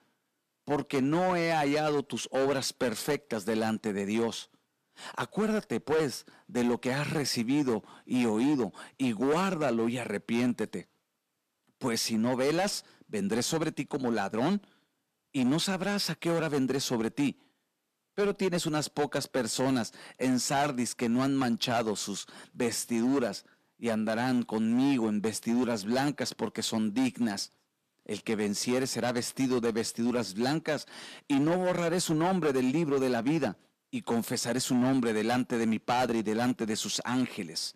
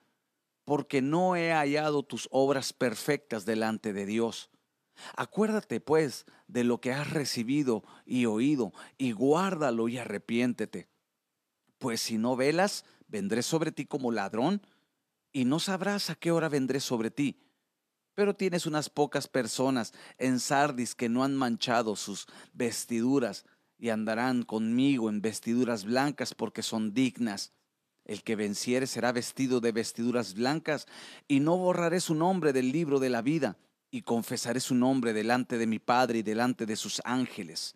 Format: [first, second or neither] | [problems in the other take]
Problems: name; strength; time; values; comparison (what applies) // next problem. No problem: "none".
second | distortion; slight; 9% of the sound clipped